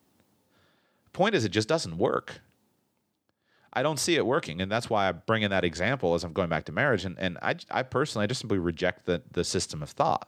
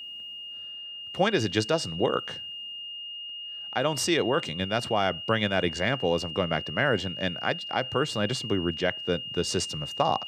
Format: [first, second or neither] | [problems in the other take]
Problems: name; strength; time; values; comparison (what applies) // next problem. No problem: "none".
first | high-pitched whine; loud; throughout; 3 kHz, 7 dB below the speech